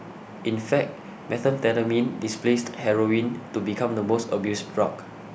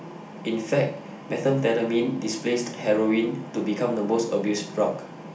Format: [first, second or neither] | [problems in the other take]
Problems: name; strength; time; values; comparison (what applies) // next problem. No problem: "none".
first | room echo; dies away in 0.4 s